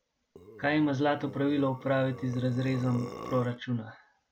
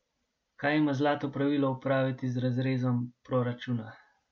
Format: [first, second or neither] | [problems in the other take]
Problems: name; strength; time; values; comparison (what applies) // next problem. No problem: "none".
second | background sound (Burping, eructation); 14 dB below the speech